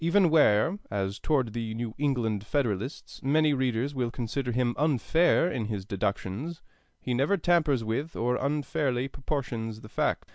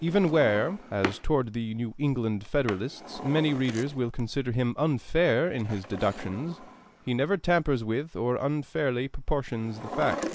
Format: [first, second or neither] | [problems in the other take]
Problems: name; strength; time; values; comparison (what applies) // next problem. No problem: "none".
first | background sound (Drawer open or close); 14 dB below the speech